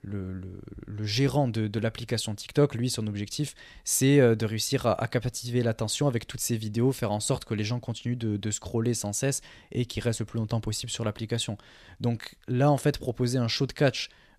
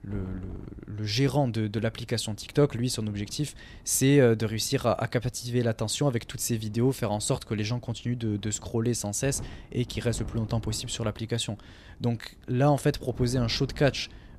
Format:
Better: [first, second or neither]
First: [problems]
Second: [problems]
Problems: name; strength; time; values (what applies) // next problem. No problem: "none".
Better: first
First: none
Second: wind noise on the microphone; occasional gusts; 25 dB below the speech